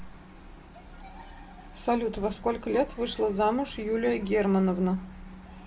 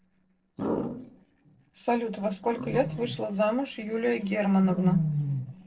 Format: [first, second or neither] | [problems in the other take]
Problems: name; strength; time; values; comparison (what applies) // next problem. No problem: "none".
first | noise reduction (neural separator model SepFormer DNS4)